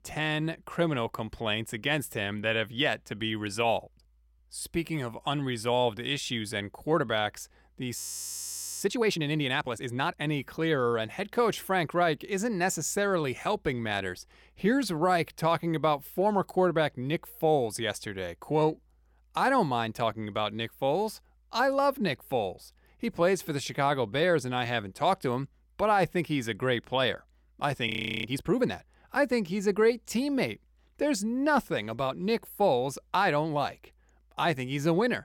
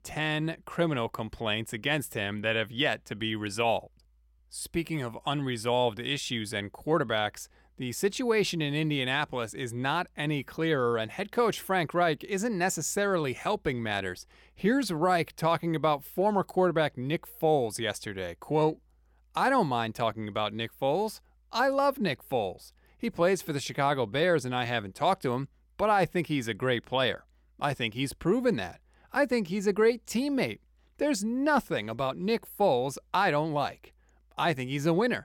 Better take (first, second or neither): second